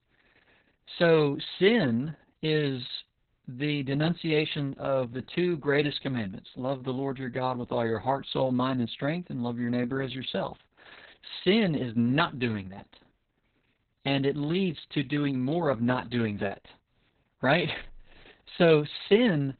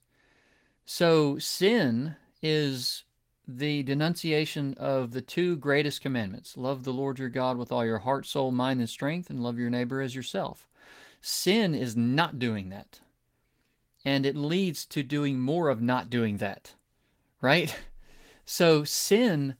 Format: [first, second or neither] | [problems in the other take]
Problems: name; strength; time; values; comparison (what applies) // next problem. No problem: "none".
second | garbled, watery; badly; nothing above 4 kHz; slightly in the second